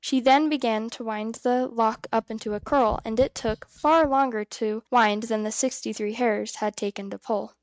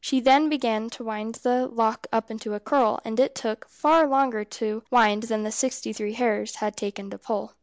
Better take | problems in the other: second | noise reduction (neural mask model RNNoise)

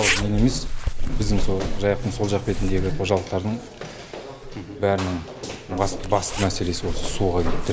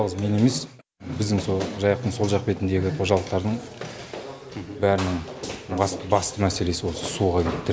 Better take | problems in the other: second | background sound (Zipper (clothing)); 1 dB below the speech

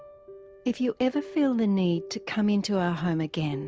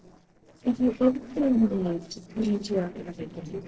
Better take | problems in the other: first | noise reduction (neural separator model SepFormer DNS4)

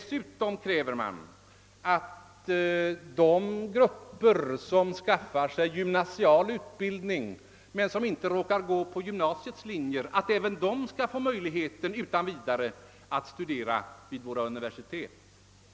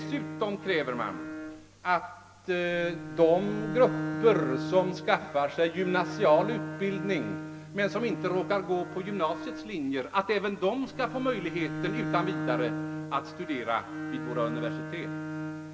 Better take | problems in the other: first | background sound (Bowed string instrument); 7 dB below the speech // room echo; dies away in 0.9 s

